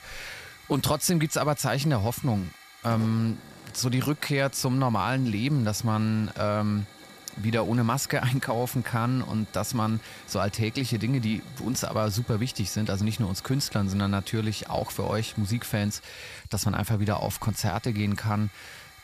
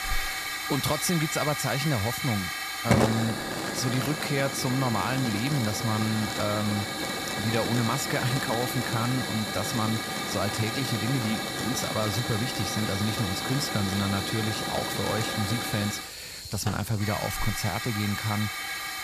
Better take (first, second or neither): first